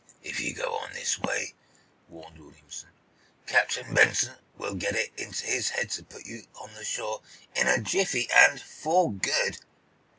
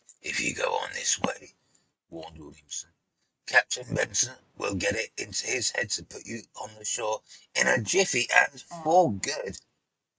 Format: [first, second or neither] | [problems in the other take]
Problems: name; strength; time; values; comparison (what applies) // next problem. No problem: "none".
first | noise reduction (neural mask model RNNoise)